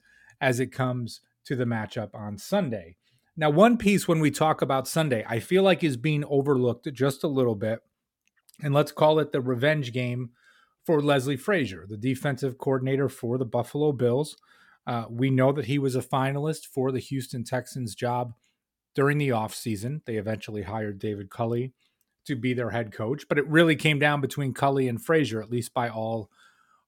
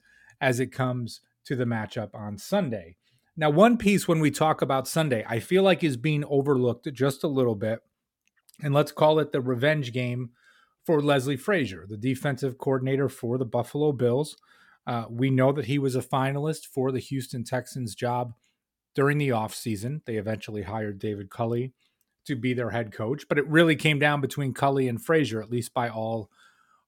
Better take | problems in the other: neither | none

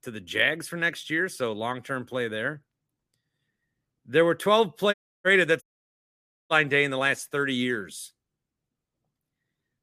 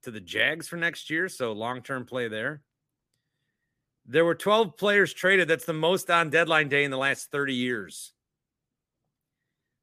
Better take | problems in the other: second | audio cutting out; at 5 s and at 5.5 s for 1 s

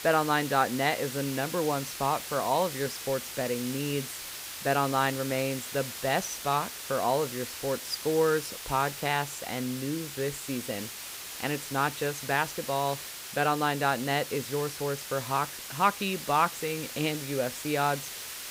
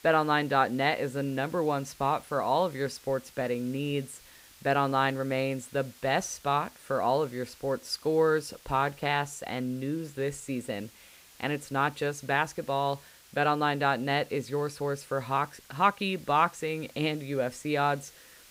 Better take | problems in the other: second | hiss; loud; throughout; 7 dB below the speech; faint in the second

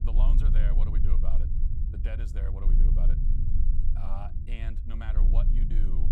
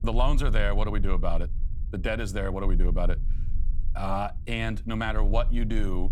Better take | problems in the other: second | low rumble; loud; throughout; 3 dB below the speech; faint in the second

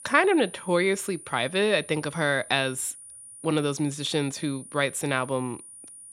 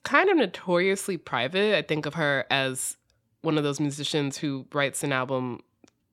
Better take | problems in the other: second | high-pitched whine; noticeable; throughout; 9.5 kHz, 15 dB below the speech

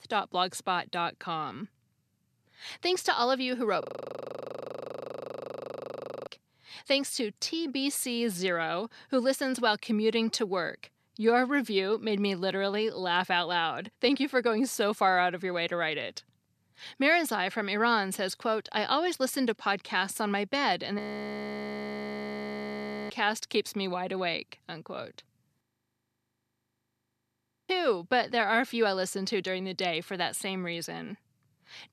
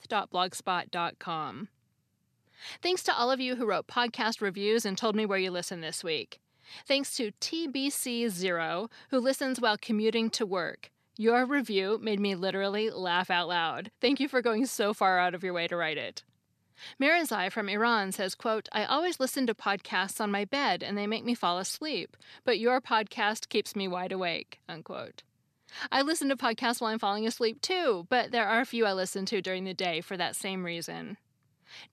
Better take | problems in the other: second | audio freezing; at 4 s for 2.5 s, at 21 s for 2 s and at 26 s for 2 s

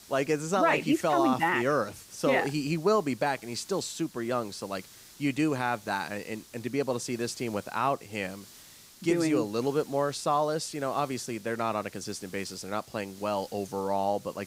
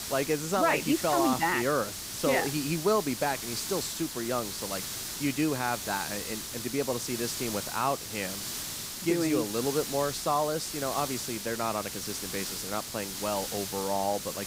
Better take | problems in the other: first | hiss; loud; throughout; 4 dB below the speech; faint in the first

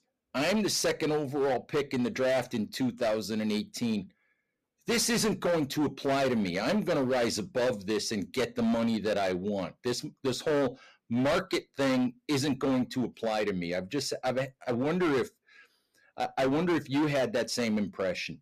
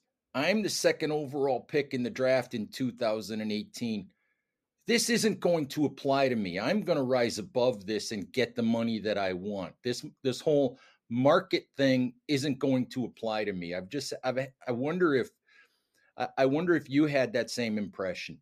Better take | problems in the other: second | distortion; heavy; 15% of the sound clipped

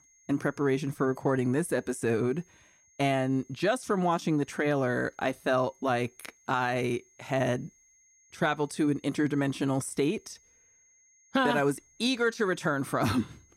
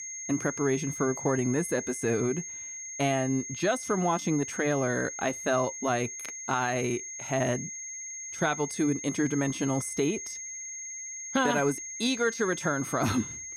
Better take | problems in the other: first | high-pitched whine; loud; throughout; 6.5 kHz, 7 dB below the speech; faint in the first

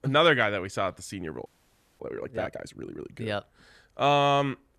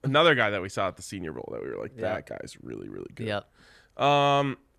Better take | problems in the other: second | audio freezing; at 1.5 s for 0.5 s

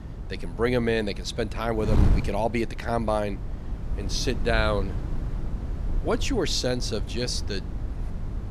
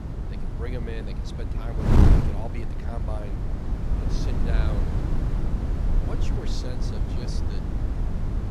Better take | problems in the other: first | wind noise on the microphone; heavy; 4 dB above the speech; occasional gusts in the first

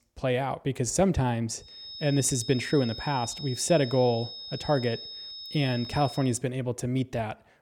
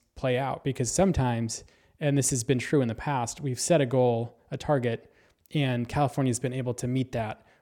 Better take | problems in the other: second | high-pitched whine; noticeable; from 1.5 to 6 s; 5 kHz, 10 dB below the speech

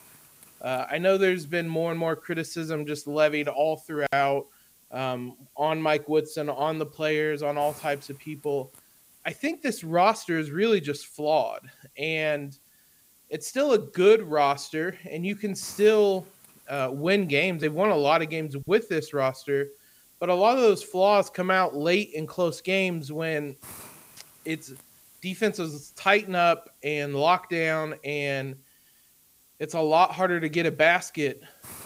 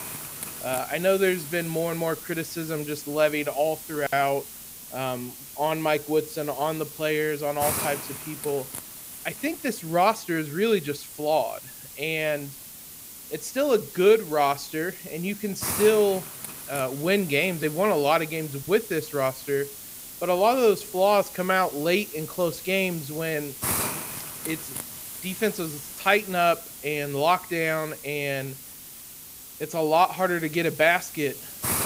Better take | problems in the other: first | hiss; loud; throughout; 10 dB below the speech; faint in the first

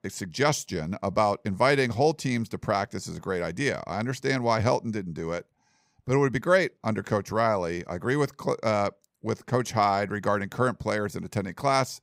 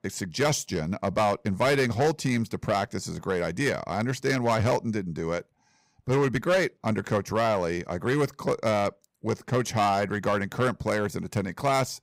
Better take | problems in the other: first | distortion; slight; 6% of the sound clipped

